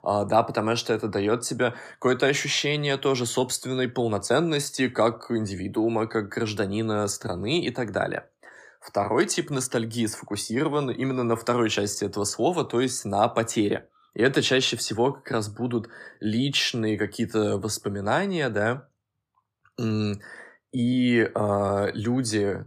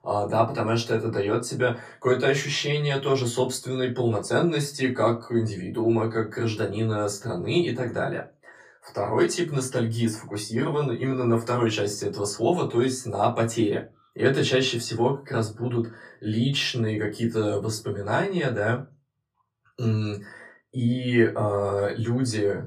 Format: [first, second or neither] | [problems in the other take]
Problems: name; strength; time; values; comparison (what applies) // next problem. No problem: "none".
first | off-mic speech; far // room echo; very slight; dies away in 0.2 s